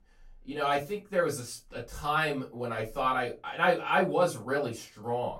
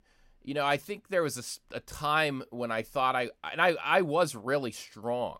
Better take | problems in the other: second | off-mic speech; far // room echo; very slight; dies away in 0.2 s

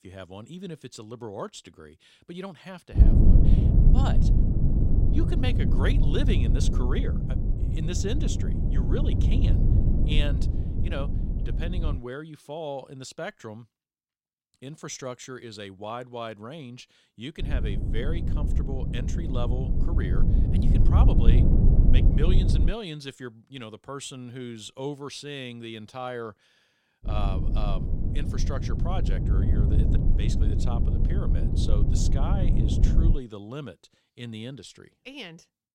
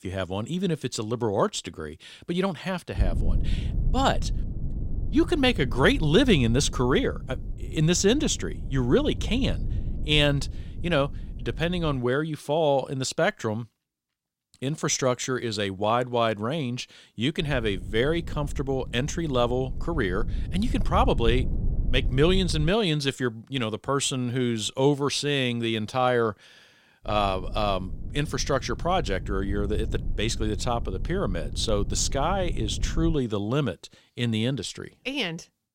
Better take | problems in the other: second | low rumble; loud; from 3 to 12 s, from 17 to 23 s and from 27 to 33 s; 1 dB below the speech; faint in the second

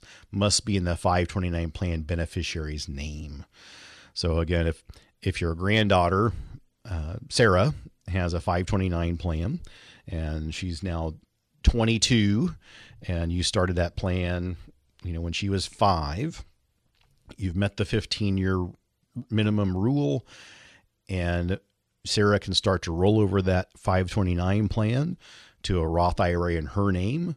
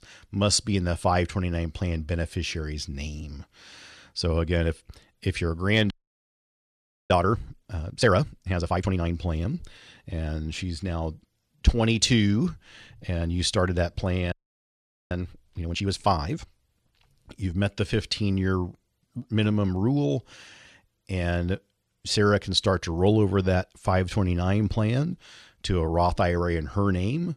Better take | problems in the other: first | audio freezing; at 6 s for 1 s and at 14 s for 1 s

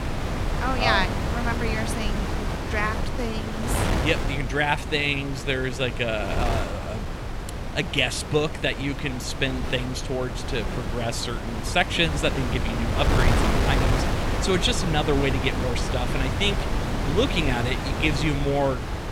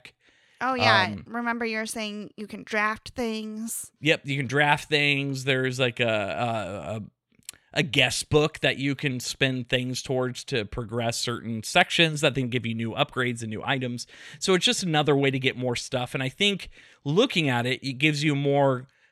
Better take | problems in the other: second | wind noise on the microphone; heavy; 5 dB below the speech

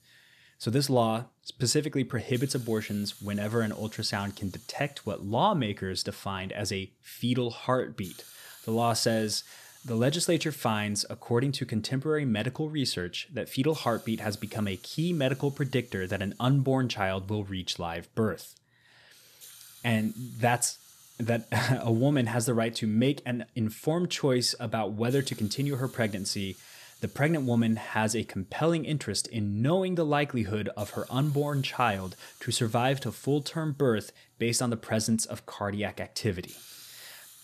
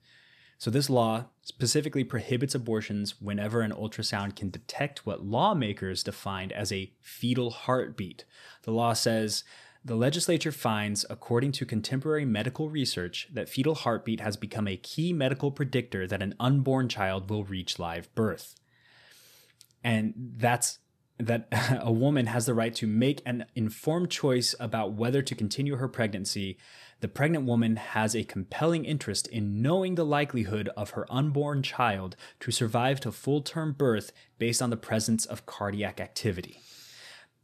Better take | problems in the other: second | hiss; faint; throughout; 20 dB below the speech

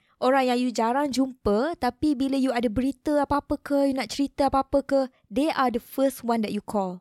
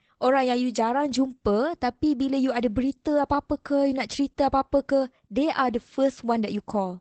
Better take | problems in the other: first | garbled, watery; badly; nothing above 8 kHz

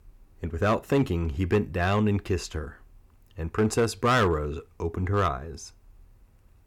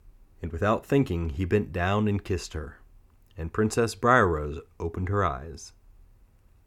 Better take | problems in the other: second | distortion; slight; 2% of the sound clipped

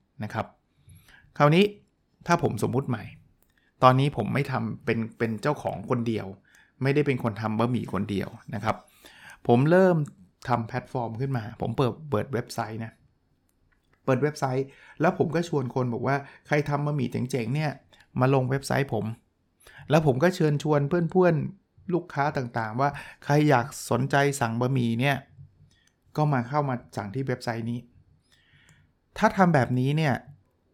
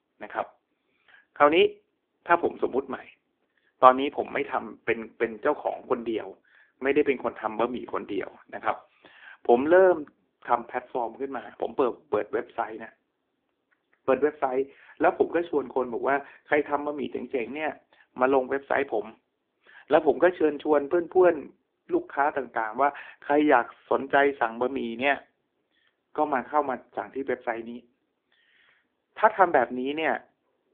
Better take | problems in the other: first | phone-call audio; poor line

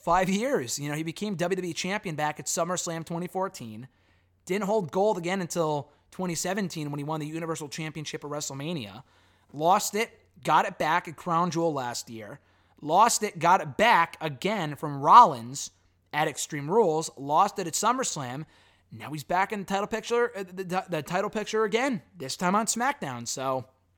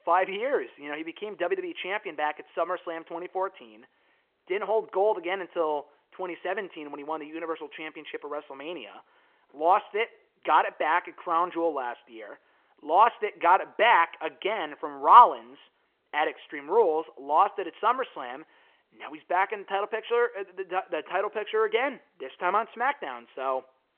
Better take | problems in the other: first | phone-call audio

